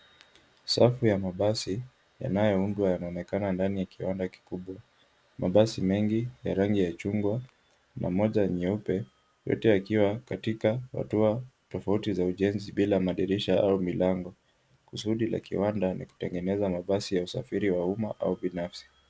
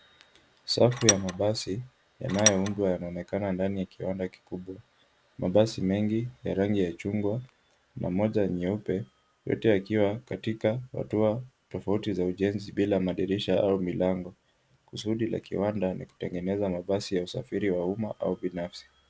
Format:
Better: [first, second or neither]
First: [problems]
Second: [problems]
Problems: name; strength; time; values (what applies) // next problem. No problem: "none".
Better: first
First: none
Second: background sound (Tools); 1 dB below the speech